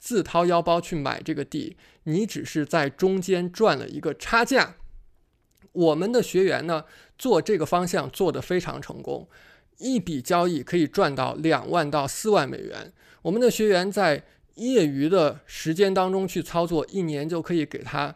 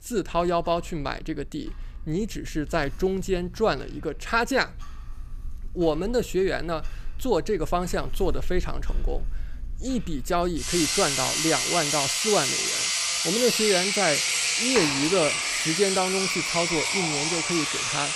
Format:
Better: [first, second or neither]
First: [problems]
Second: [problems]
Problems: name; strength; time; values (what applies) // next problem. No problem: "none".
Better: first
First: none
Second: household noises; very loud; throughout; 3 dB above the speech